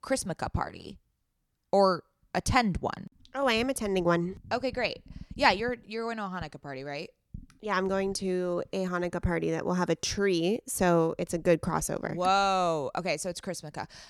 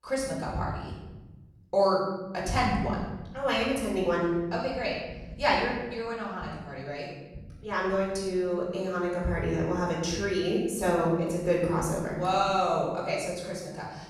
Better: first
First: none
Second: off-mic speech; far // room echo; noticeable; dies away in 1.1 s

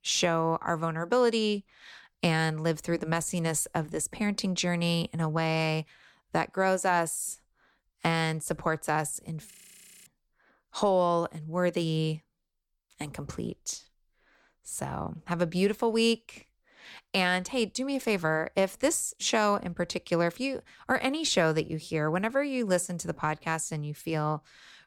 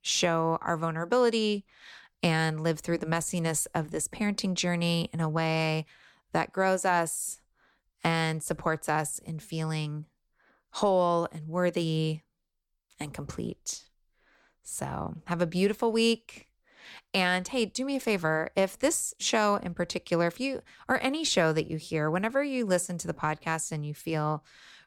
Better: second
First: audio freezing; at 9.5 s for 0.5 s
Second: none

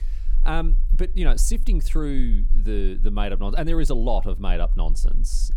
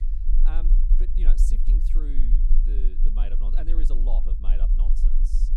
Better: first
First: low rumble; faint; throughout; 20 dB below the speech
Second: low rumble; loud; throughout; 5 dB below the speech

